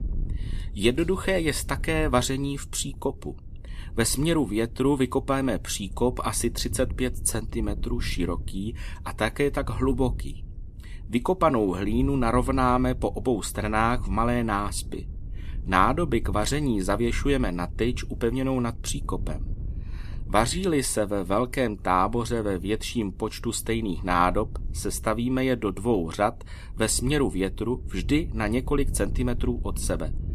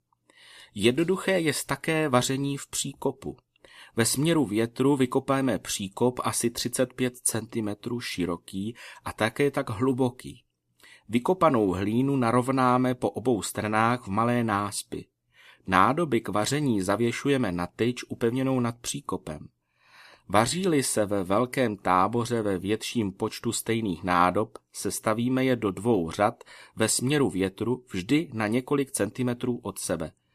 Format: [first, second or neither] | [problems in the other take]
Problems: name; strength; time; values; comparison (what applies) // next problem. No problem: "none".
second | wind noise on the microphone; occasional gusts; 25 dB below the speech